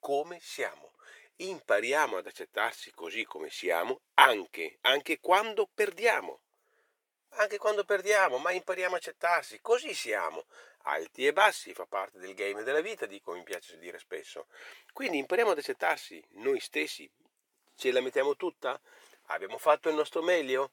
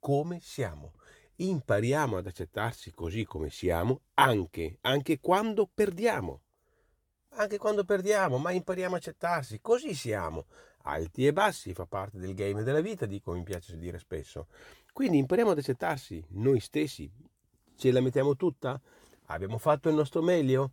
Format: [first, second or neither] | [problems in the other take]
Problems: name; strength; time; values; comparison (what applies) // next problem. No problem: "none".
second | thin; very; fading below 450 Hz